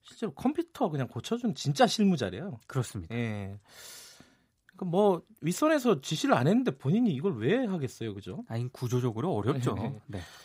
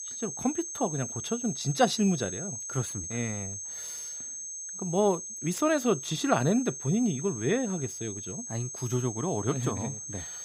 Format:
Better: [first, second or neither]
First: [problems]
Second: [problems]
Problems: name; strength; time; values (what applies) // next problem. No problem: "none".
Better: first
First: none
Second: high-pitched whine; loud; throughout; 6.5 kHz, 6 dB below the speech